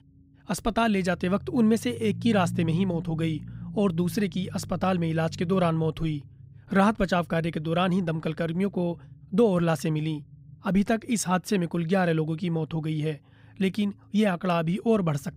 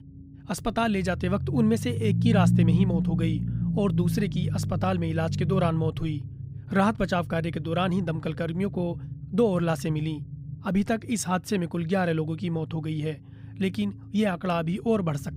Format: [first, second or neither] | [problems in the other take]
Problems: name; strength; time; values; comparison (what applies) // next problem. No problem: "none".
first | low rumble; loud; throughout; 10 dB below the speech; faint in the first